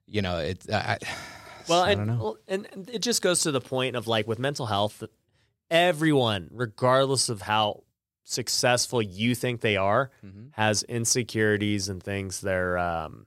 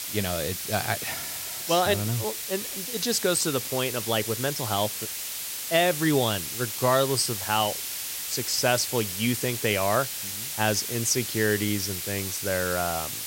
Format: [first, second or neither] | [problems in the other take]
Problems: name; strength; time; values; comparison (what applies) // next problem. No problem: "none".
first | hiss; loud; throughout; 4 dB below the speech